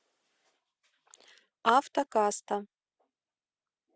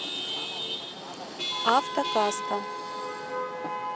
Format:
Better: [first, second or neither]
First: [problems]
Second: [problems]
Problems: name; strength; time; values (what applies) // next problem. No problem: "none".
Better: first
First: none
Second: background sound (Chatter / Traffic noise, roadway noise / Vehicle horn, car horn, honking / Engine); 1 dB below the speech